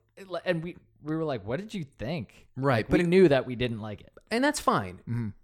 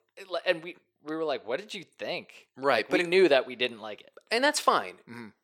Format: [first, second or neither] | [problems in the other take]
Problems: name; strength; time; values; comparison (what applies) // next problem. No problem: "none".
first | thin; somewhat; fading below 450 Hz